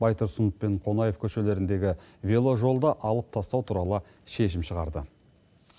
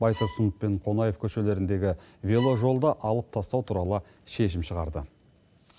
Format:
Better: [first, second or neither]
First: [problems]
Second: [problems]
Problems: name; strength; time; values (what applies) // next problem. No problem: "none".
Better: first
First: none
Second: background sound (Bowed string instrument); 17 dB below the speech